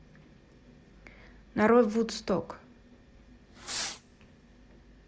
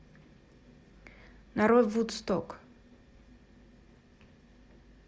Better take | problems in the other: second | background sound (Fireworks); 9 dB below the speech

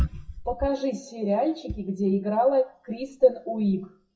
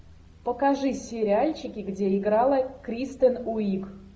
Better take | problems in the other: second | noise reduction (classical method WPE with log-MMSE)

